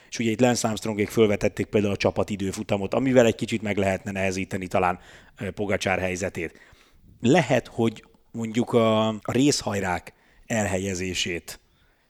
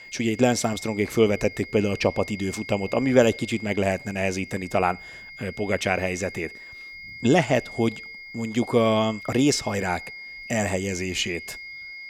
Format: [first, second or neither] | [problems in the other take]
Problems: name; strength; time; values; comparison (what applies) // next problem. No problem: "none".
first | high-pitched whine; noticeable; throughout; 2 kHz, 15 dB below the speech